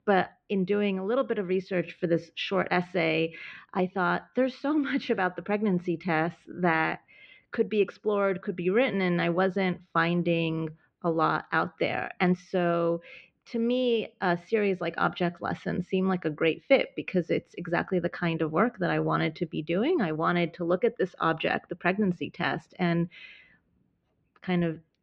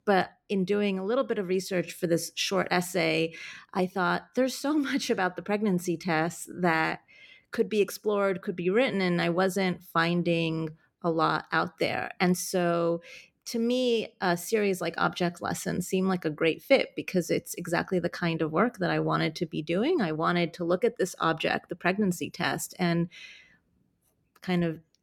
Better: second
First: muffled; slightly; fading above 3.5 kHz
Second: none

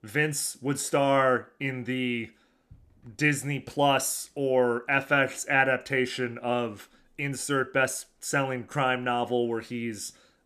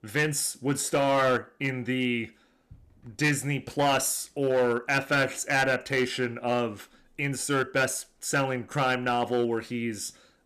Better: first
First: none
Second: distortion; slight; 6% of the sound clipped

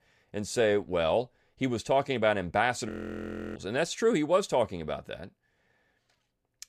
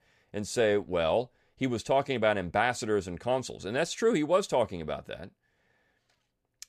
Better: second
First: audio freezing; at 3 s for 0.5 s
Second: none

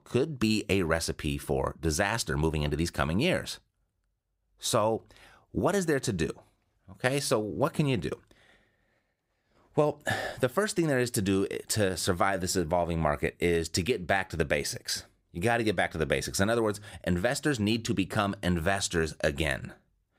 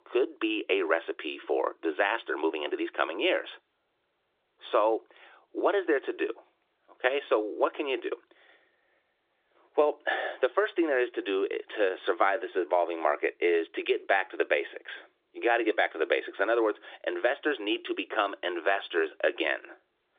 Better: first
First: none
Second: phone-call audio

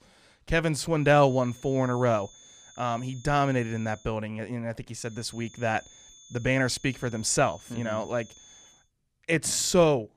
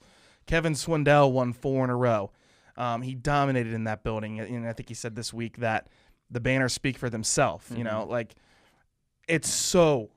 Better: second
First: high-pitched whine; faint; from 1 to 4 s and from 5 to 8.5 s; 6.5 kHz, 25 dB below the speech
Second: none

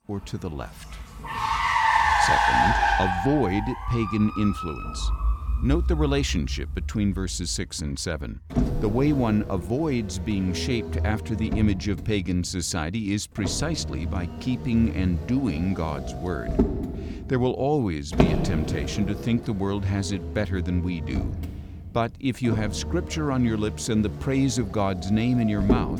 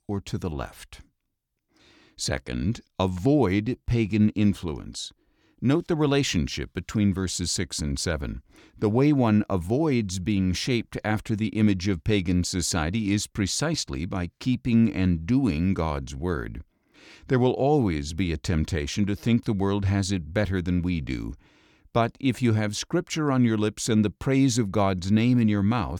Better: second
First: traffic noise; loud; throughout; 2 dB below the speech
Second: none

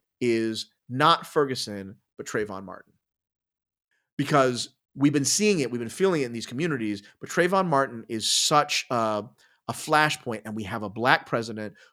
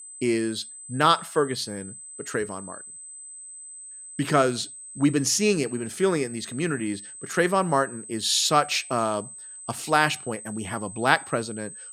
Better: first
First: none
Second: high-pitched whine; noticeable; throughout; 8 kHz, 15 dB below the speech

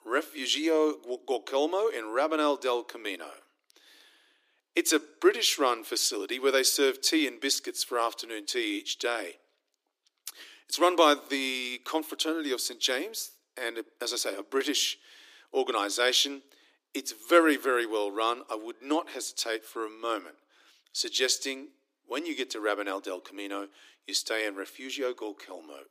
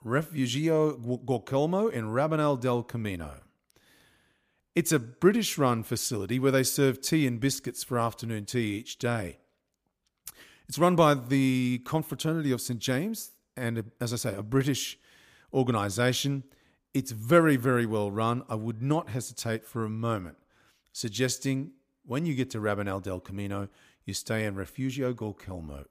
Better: second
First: thin; somewhat; fading below 300 Hz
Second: none

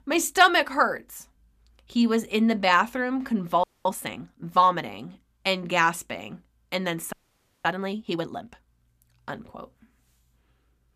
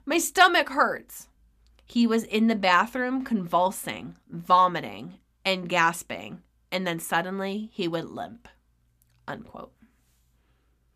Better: second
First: audio freezing; at 3.5 s and at 7 s for 0.5 s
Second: none

